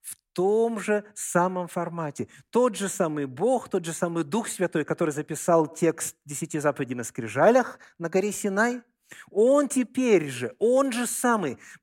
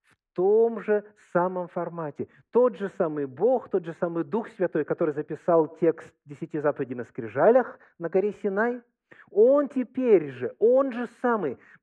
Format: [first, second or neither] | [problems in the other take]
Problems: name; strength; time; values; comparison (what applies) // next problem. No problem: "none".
first | muffled; very; fading above 1.5 kHz